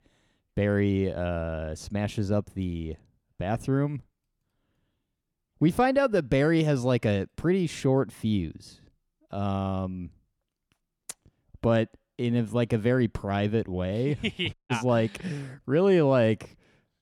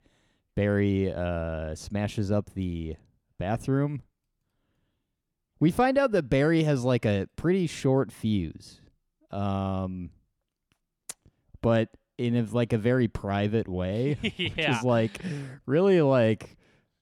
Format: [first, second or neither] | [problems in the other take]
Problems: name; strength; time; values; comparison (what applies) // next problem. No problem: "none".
second | audio cutting out; at 15 s